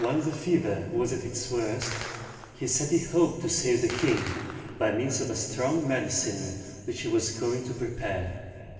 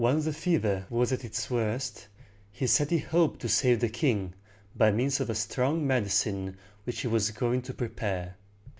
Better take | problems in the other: second | background sound (Gunshot, gunfire); 16 dB below the speech // room echo; dies away in 2.4 s

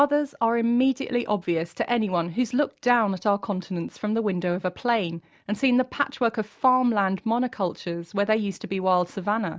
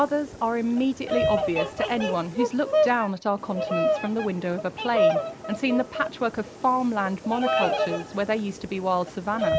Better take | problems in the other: first | background sound (Bird vocalization, bird call, bird song); 1 dB below the speech

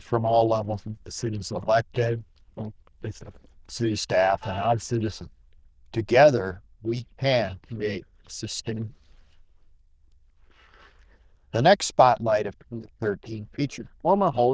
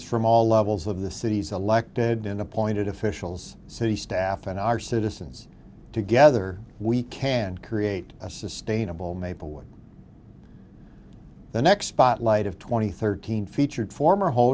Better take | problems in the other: second | noise reduction (neural diffusion model UNIVERSE++)

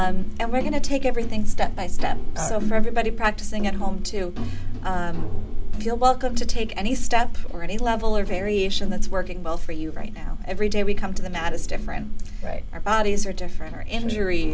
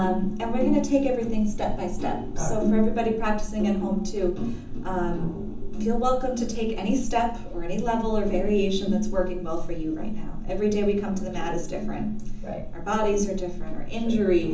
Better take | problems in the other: first | room echo; dies away in 0.7 s

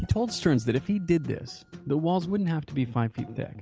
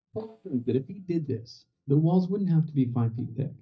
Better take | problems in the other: first | noise reduction (neural mask model DeepFilterNet 3)

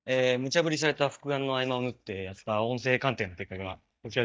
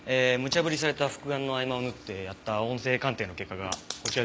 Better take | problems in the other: second | noise reduction (neural mask model DeepFilterNet 3)

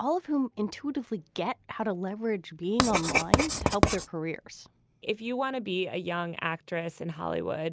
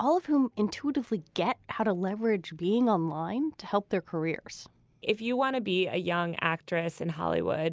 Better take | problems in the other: second | background sound (Writing); 3 dB above the speech

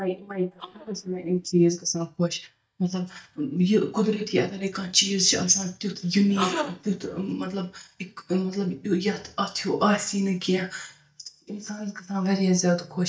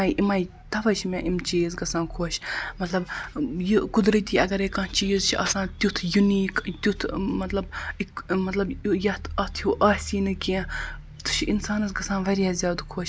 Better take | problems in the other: second | noise reduction (neural mask model DeepFilterNet 3)

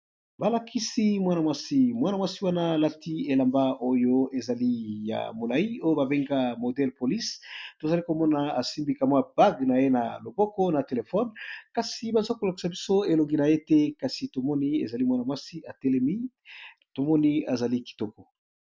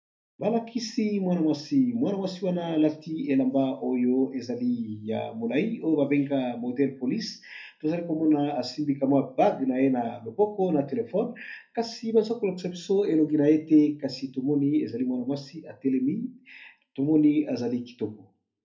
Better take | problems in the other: first | room echo; dies away in 0.3 s

